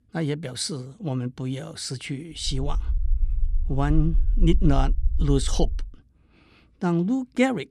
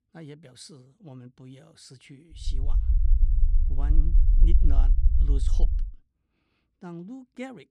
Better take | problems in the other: first | low rumble; loud; from 2.5 to 6 s; 3 dB below the speech; faint in the first

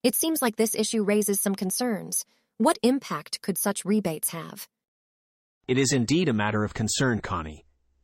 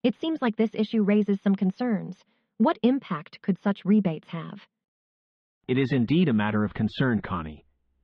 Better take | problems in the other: first | muffled; very; fading above 3.5 kHz

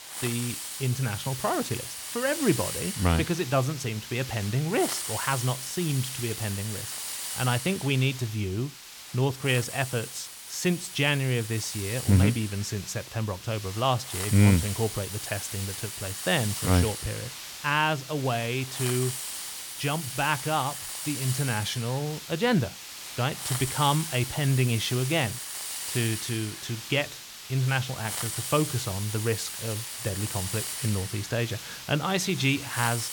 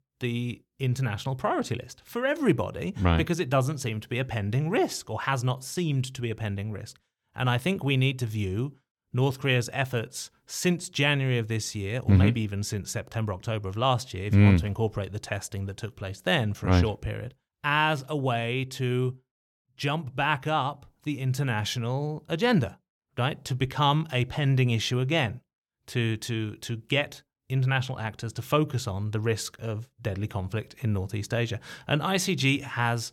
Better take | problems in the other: second | hiss; loud; throughout; 6 dB below the speech

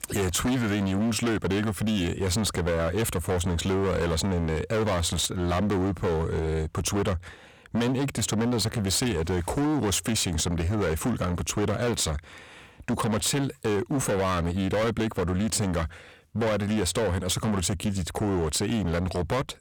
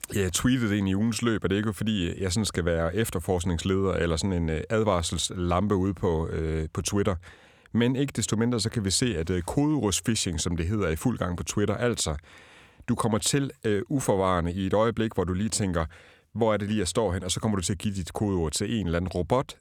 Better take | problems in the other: second | distortion; heavy; 24% of the sound clipped

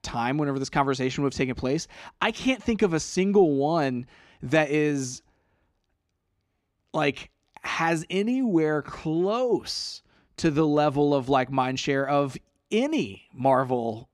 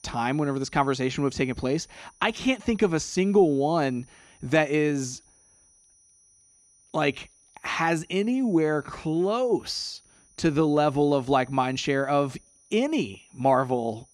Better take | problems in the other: first | high-pitched whine; faint; throughout; 9.5 kHz, 30 dB below the speech

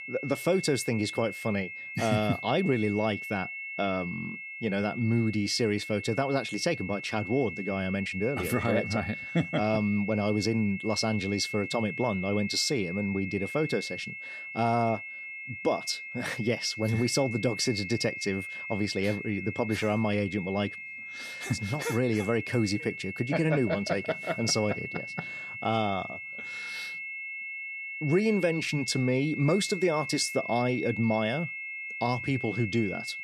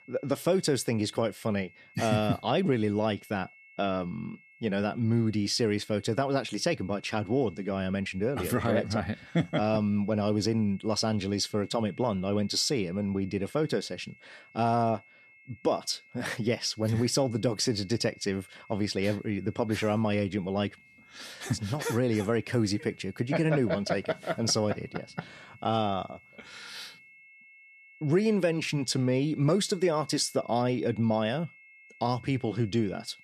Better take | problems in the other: second | high-pitched whine; loud; throughout; 2 kHz, 8 dB below the speech; faint in the second

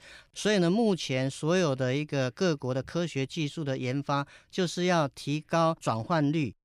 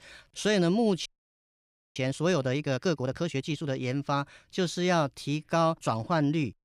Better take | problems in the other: first | audio freezing; at 1 s for 1 s

